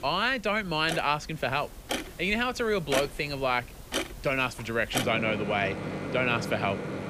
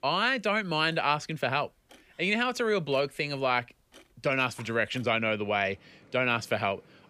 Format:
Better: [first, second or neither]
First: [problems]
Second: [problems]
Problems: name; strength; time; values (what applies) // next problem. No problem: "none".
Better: second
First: household noises; loud; throughout; 6 dB below the speech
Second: household noises; faint; throughout; 30 dB below the speech